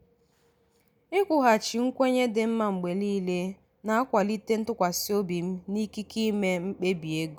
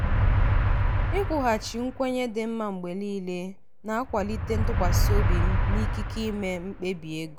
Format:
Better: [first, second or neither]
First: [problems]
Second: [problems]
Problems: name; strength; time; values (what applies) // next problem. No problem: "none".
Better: first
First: none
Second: background sound (Motor vehicle (road)); 5 dB above the speech